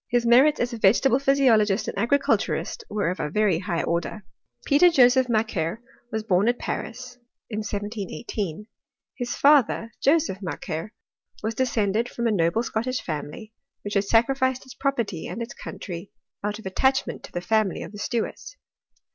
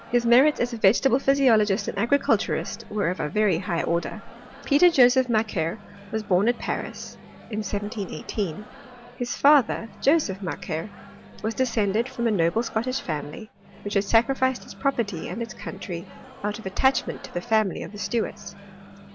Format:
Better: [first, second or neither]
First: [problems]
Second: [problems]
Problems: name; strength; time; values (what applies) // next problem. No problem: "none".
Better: first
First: none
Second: background sound (Microwave oven); 19 dB below the speech